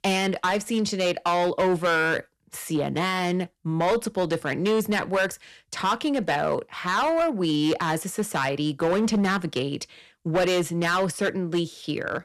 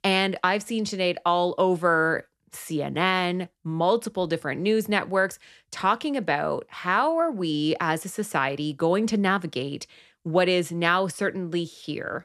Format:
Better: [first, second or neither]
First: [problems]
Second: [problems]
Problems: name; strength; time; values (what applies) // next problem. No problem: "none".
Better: second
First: distortion; heavy; 9% of the sound clipped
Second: none